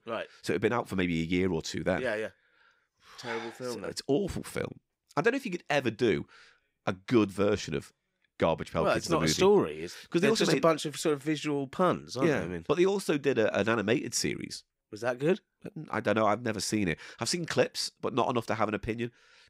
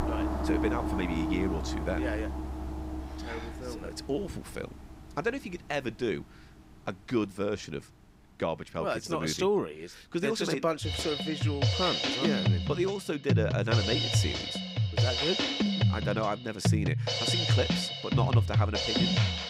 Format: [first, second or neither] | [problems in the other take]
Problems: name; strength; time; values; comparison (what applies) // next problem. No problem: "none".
first | background music; very loud; throughout; 4 dB above the speech